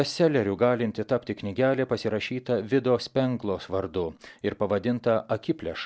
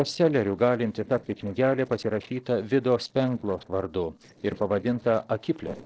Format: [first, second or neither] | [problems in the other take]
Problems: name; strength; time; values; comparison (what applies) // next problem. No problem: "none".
first | noise reduction (neural separator model SepFormer DNS4)